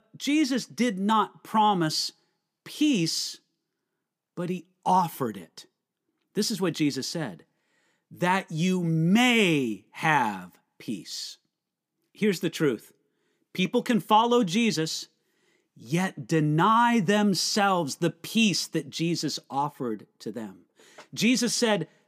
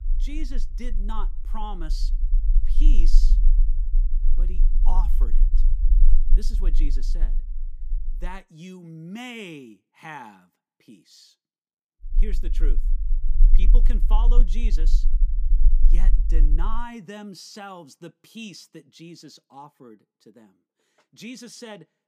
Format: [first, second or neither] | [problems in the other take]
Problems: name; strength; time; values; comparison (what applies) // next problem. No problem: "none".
first | low rumble; noticeable; until 8.5 s and from 12 to 17 s; 10 dB below the speech